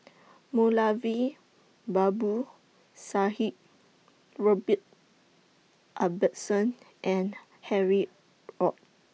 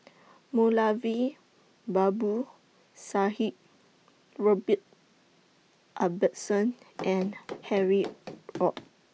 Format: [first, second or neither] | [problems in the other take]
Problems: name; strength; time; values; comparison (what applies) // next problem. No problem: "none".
first | background sound (Run); 13 dB below the speech